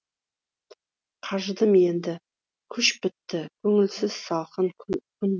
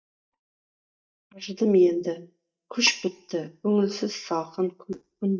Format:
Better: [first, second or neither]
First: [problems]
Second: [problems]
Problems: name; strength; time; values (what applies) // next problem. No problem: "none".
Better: first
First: none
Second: noise reduction (neural mask model DeepFilterNet 3)